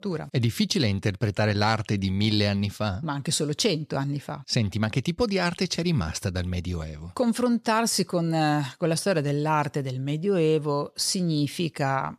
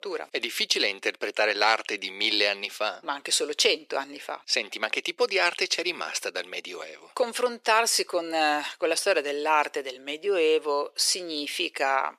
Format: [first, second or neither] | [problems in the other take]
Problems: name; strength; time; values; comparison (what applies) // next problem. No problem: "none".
first | thin; very; fading below 350 Hz